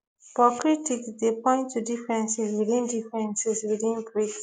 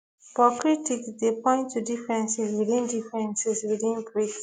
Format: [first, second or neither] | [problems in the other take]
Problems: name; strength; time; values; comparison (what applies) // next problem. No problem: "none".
second | noise reduction (neural mask model Resemble Enhance denoiser)